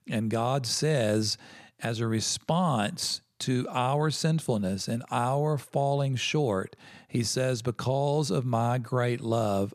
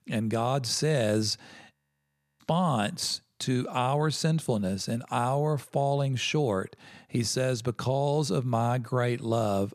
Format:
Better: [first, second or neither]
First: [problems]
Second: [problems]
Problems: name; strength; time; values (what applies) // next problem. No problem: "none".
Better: first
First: none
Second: audio freezing; at 1.5 s for 0.5 s